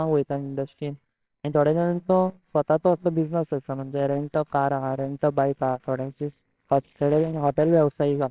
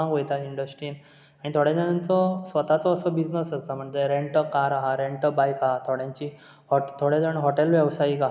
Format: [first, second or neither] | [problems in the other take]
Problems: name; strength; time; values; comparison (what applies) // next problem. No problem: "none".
second | noise reduction (neural separator model SepFormer WHAMR!)